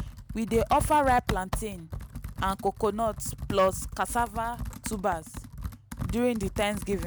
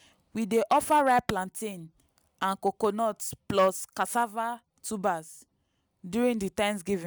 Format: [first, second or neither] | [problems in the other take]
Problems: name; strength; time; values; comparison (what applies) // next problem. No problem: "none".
second | background sound (Computer keyboard); 8 dB below the speech